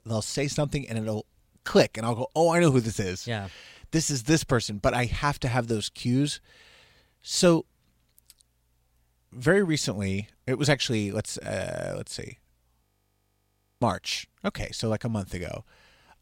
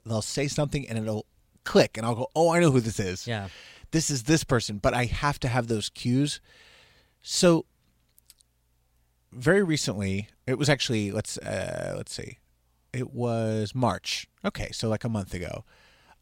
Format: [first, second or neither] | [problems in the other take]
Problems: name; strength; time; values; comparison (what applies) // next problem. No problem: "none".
second | audio freezing; at 13 s for 1 s